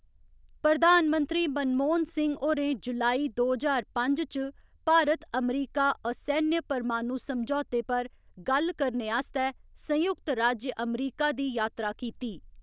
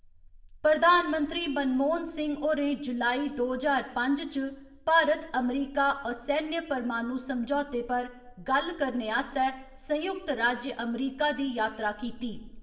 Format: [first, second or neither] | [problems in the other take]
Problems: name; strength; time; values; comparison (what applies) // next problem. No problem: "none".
first | room echo; dies away in 0.7 s